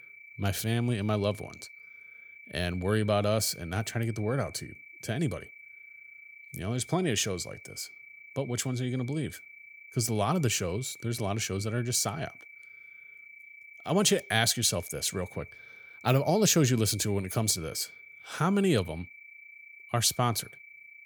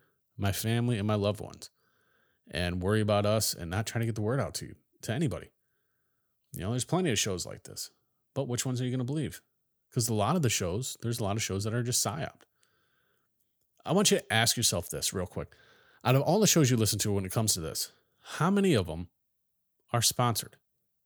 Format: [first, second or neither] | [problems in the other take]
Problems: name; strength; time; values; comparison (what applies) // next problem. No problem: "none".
second | high-pitched whine; noticeable; throughout; 2.5 kHz, 20 dB below the speech